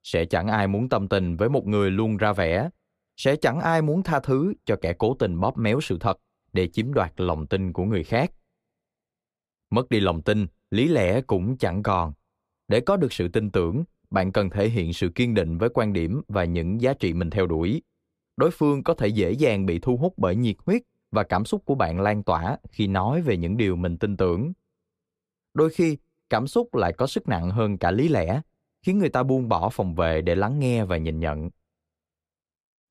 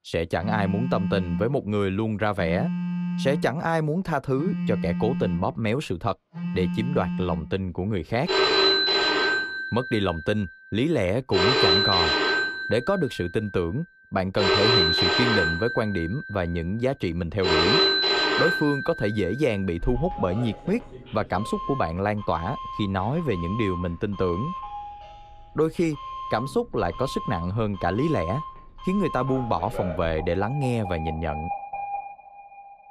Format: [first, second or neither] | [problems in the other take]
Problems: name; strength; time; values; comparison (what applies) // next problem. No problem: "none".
first | alarms or sirens; very loud; throughout; 1 dB above the speech